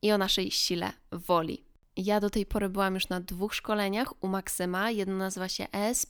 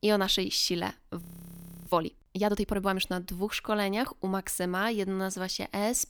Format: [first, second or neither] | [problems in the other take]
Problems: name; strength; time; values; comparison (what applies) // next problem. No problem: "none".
first | audio freezing; at 1 s for 0.5 s